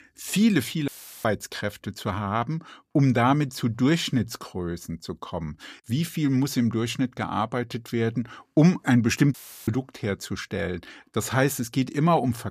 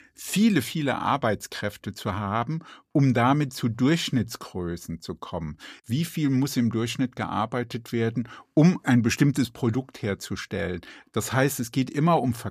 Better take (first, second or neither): second